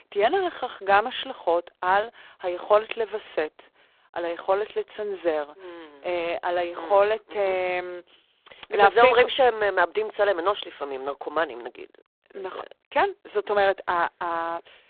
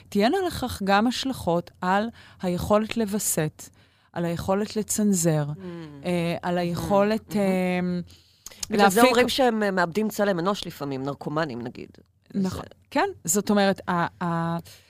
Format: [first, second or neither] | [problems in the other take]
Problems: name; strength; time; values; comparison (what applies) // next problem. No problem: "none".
second | phone-call audio; poor line; nothing above 3.5 kHz